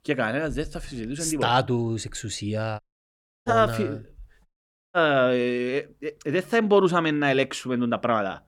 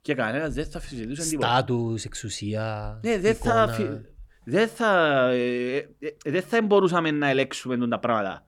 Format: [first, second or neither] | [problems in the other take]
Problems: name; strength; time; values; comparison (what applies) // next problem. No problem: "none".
second | audio cutting out; at 3 s for 0.5 s and at 4.5 s